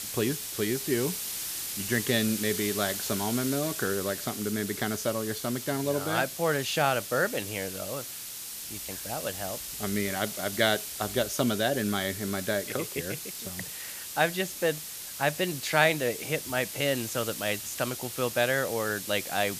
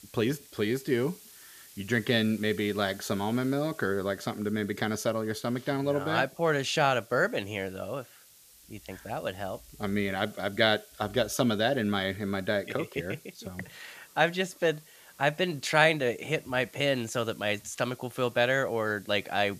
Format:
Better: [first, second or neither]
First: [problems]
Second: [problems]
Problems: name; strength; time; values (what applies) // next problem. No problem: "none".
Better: second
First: hiss; loud; throughout; 5 dB below the speech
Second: hiss; faint; throughout; 25 dB below the speech